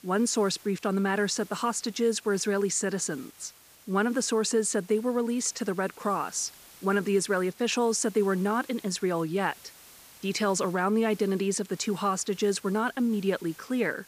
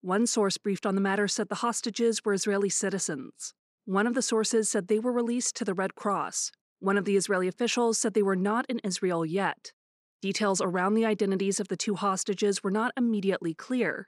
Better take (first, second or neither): second